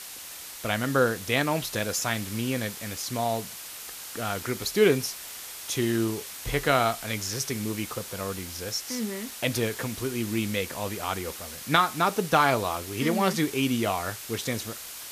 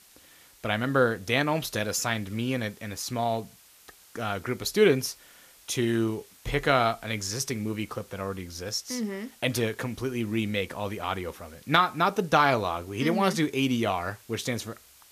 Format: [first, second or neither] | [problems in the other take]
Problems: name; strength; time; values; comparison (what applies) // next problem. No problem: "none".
second | hiss; loud; throughout; 10 dB below the speech; faint in the second